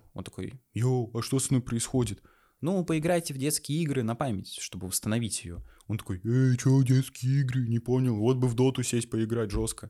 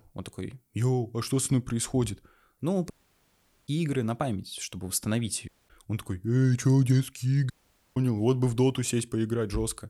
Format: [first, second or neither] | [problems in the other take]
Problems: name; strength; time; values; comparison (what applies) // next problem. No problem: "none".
first | audio cutting out; at 3 s for 1 s, at 5.5 s and at 7.5 s